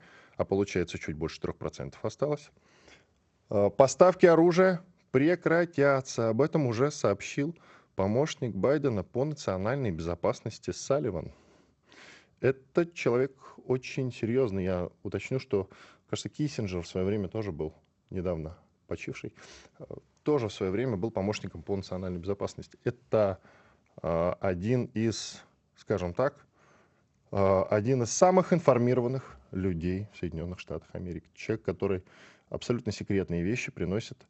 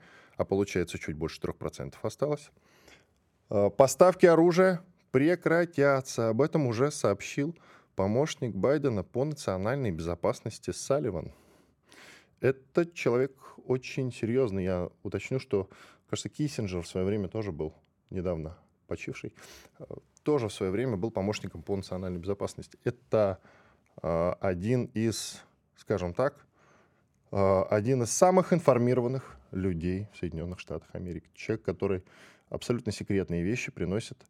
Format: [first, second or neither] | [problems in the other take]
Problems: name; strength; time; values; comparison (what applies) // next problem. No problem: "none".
second | garbled, watery; slightly; nothing above 7.5 kHz